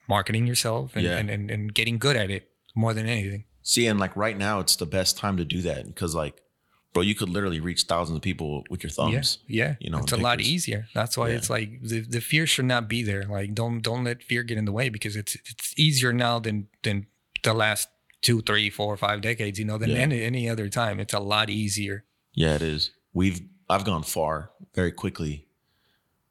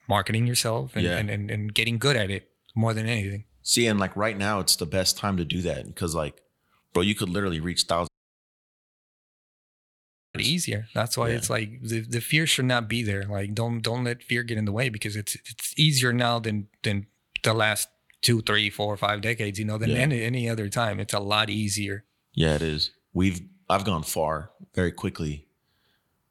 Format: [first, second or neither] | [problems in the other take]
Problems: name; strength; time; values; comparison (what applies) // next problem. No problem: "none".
first | audio cutting out; at 8 s for 2.5 s